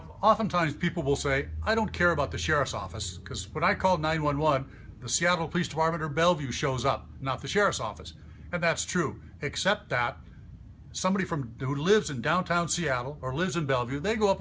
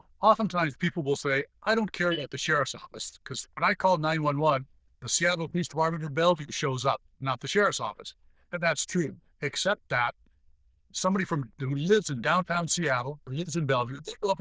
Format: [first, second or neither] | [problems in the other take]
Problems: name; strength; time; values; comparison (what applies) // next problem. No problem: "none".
first | noise reduction (neural diffusion model UNIVERSE++)